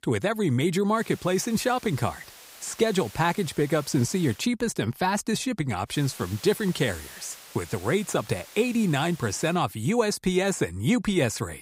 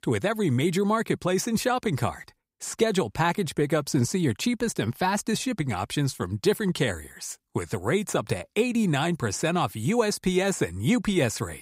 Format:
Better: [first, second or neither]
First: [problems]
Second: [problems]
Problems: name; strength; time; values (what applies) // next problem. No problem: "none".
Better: second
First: hiss; noticeable; from 1 to 4.5 s and from 6 to 9.5 s; 20 dB below the speech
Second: none